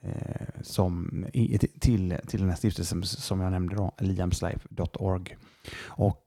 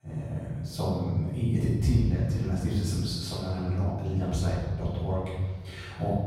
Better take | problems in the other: first | off-mic speech; far // room echo; strong; dies away in 1.4 s

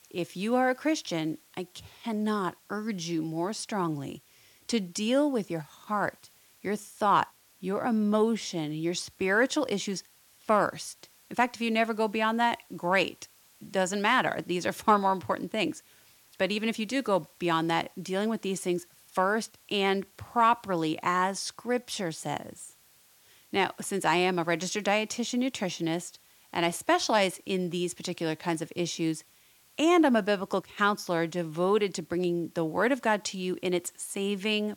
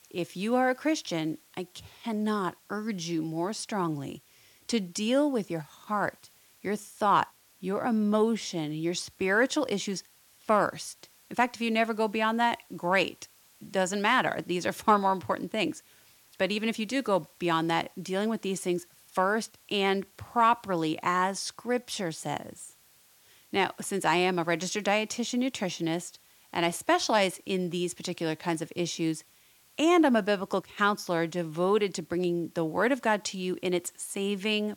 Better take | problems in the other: neither | hiss; faint; throughout; 30 dB below the speech; the same in both

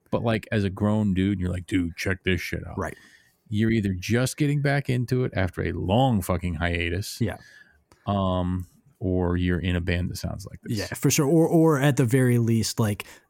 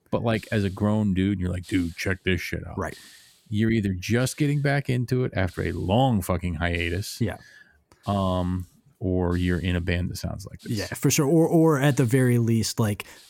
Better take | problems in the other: first | hiss; faint; throughout; 25 dB below the speech

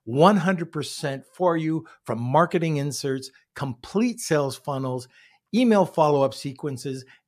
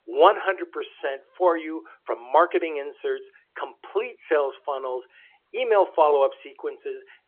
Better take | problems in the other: first | phone-call audio; nothing above 3.5 kHz

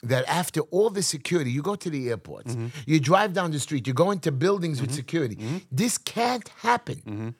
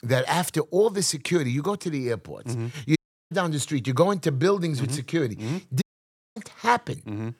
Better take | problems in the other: first | audio cutting out; at 3 s and at 6 s for 0.5 s

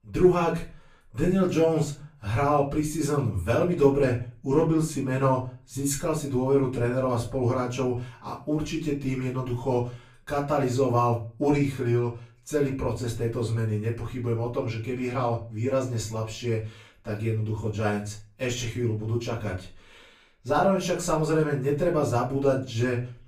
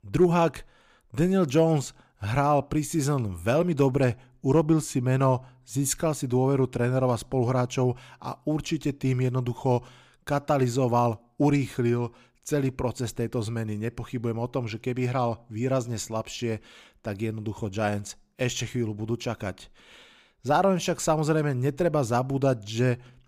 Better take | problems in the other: second | off-mic speech; far // room echo; slight; dies away in 0.3 s

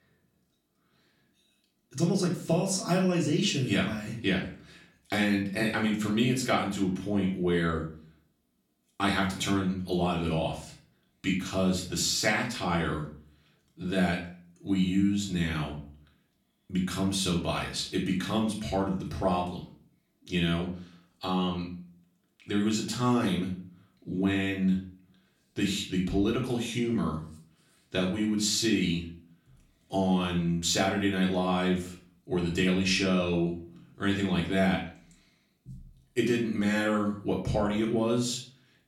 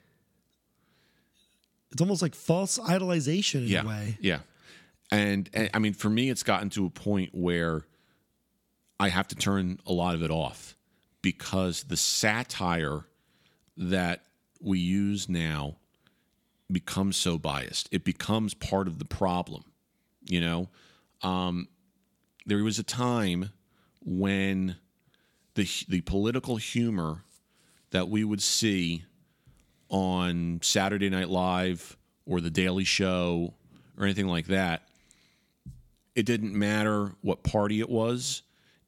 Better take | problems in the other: second | off-mic speech; far // room echo; slight; dies away in 0.4 s

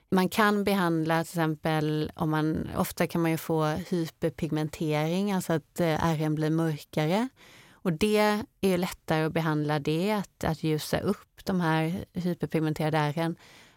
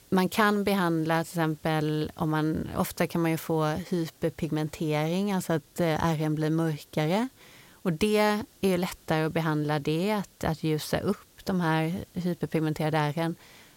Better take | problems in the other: first | hiss; faint; throughout; 30 dB below the speech

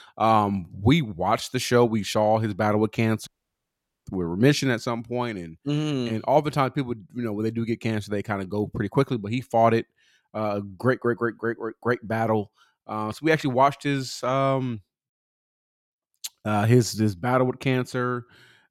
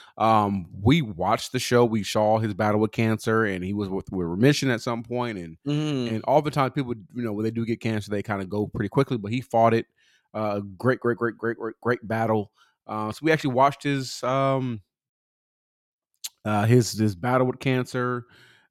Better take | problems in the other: second | audio cutting out; at 3.5 s for 1 s

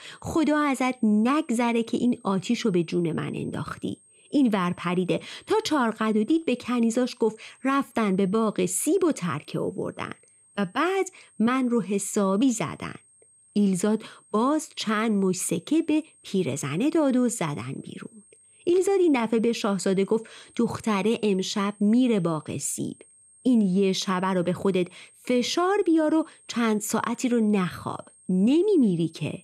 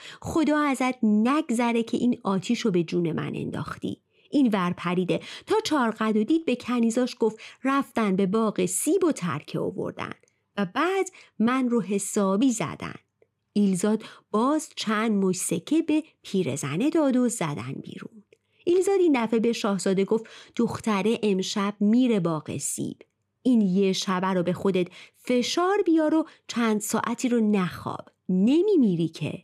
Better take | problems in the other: second | high-pitched whine; faint; throughout; 8.5 kHz, 30 dB below the speech

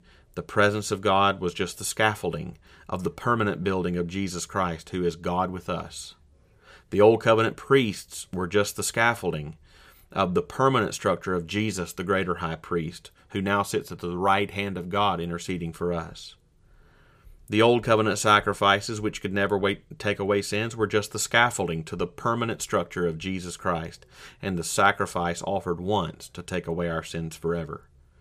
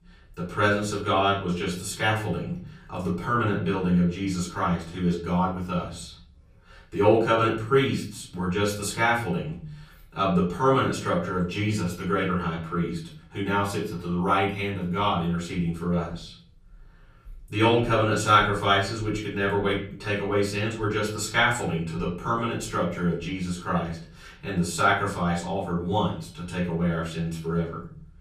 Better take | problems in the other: first | off-mic speech; far // room echo; slight; dies away in 0.5 s

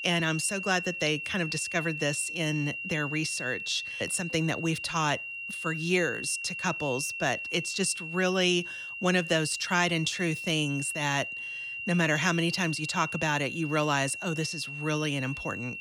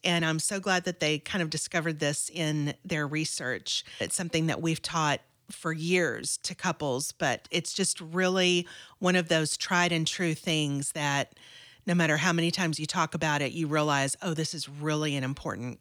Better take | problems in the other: second | high-pitched whine; loud; throughout; 3 kHz, 6 dB below the speech

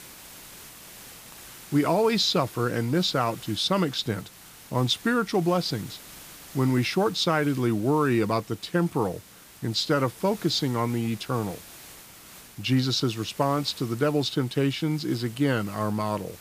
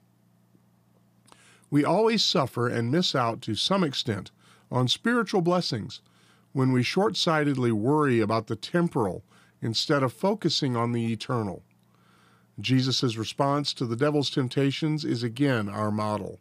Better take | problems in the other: second | hiss; noticeable; throughout; 20 dB below the speech

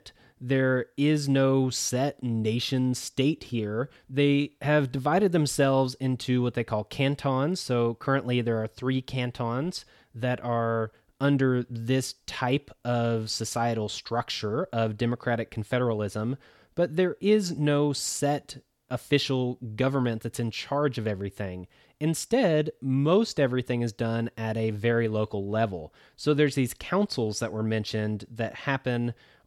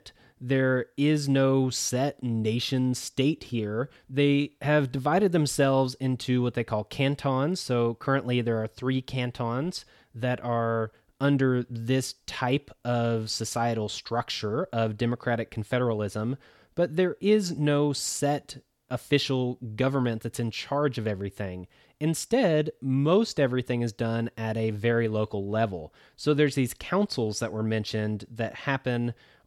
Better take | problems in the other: neither | none

